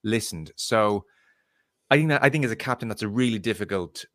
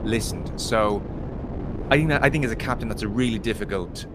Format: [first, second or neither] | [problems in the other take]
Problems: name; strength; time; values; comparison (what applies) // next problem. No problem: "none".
first | wind noise on the microphone; occasional gusts; 15 dB below the speech